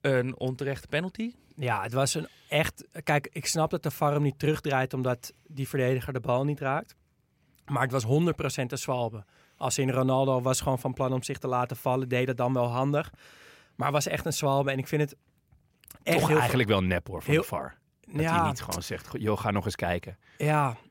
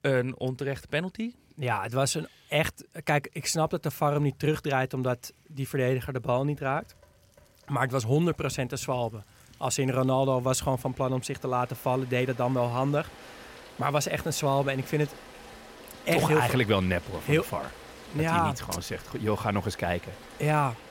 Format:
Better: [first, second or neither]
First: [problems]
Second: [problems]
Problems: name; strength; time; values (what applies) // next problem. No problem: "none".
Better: first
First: none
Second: rain or running water; faint; throughout; 20 dB below the speech